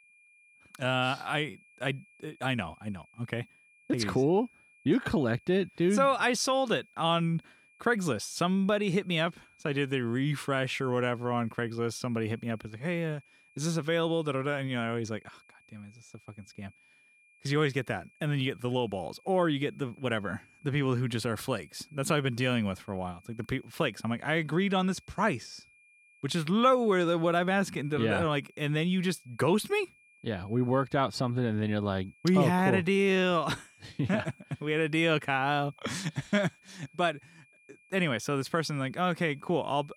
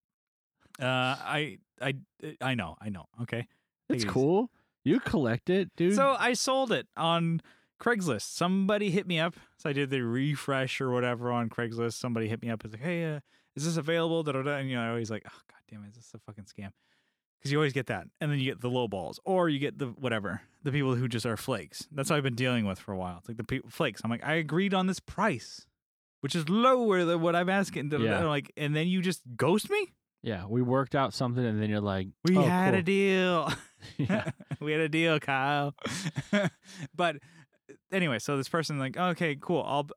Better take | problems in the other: second | high-pitched whine; faint; throughout; 2.5 kHz, 30 dB below the speech

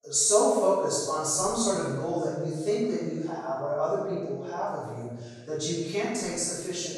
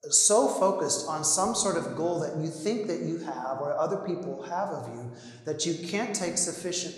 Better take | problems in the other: second | room echo; strong; dies away in 1.2 s; slight in the second // off-mic speech; far

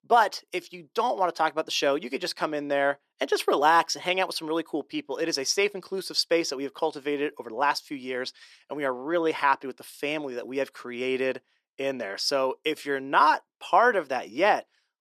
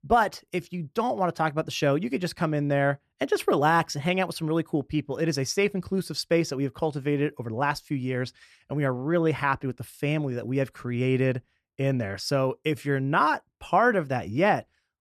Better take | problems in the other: second | thin; somewhat; fading below 350 Hz

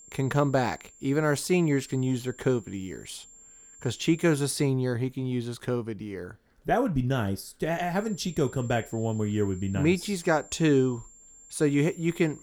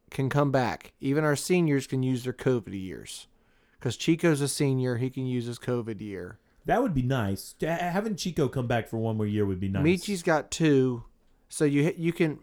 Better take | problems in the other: second | high-pitched whine; faint; until 4.5 s and from 8 s on; 7.5 kHz, 20 dB below the speech

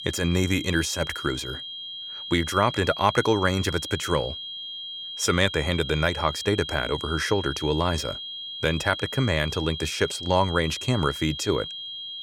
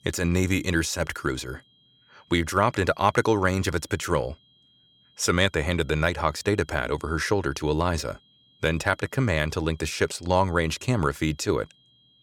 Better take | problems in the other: second | high-pitched whine; loud; throughout; 3 kHz, 8 dB below the speech; faint in the second

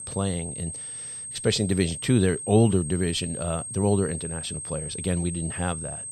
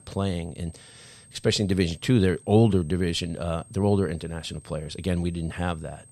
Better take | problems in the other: second | high-pitched whine; loud; throughout; 8.5 kHz, 7 dB below the speech; faint in the second

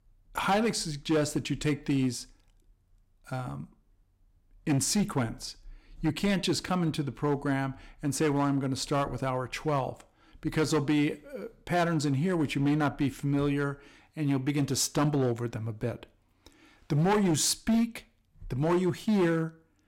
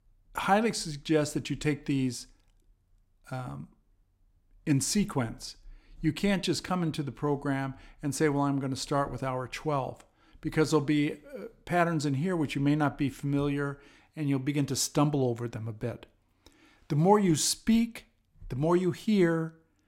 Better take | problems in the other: second | distortion; slight; 6% of the sound clipped

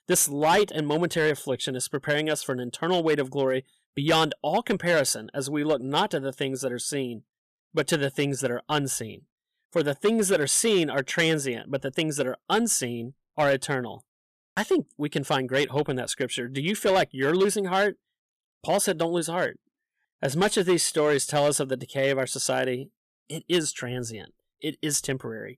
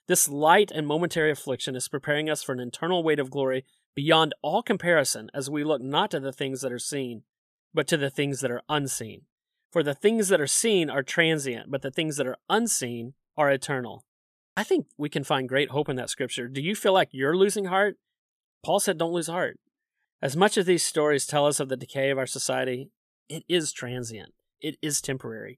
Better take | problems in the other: second | distortion; slight; 3% of the sound clipped

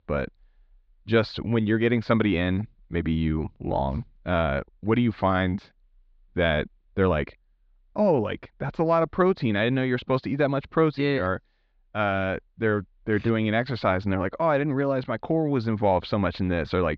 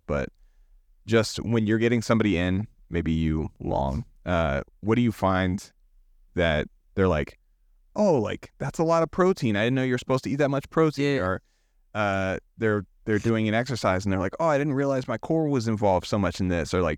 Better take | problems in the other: second | muffled; very slightly; fading above 4 kHz

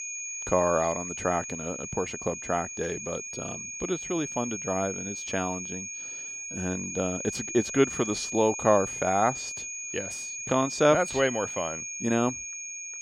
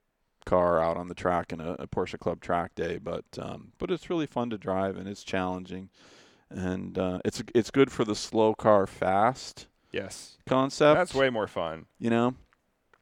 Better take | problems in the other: second | high-pitched whine; loud; throughout; 6.5 kHz, 6 dB below the speech

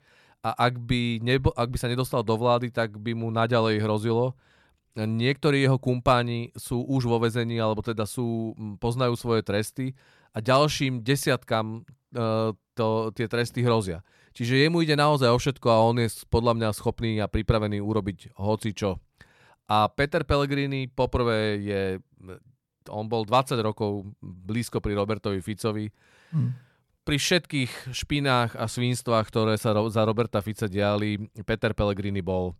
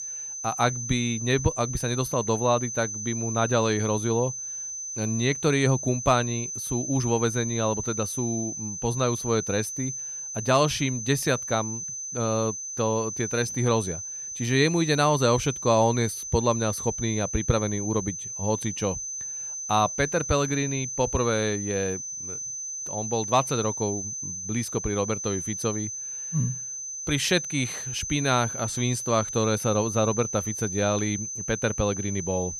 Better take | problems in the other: first | high-pitched whine; loud; throughout; 6 kHz, 5 dB below the speech

